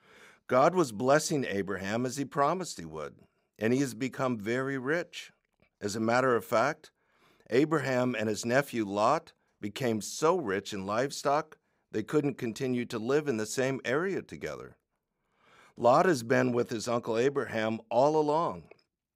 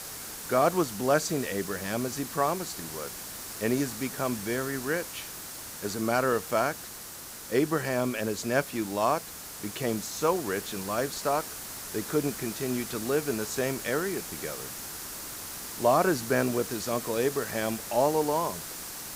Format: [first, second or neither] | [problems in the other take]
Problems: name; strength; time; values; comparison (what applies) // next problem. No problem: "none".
first | hiss; loud; throughout; 8 dB below the speech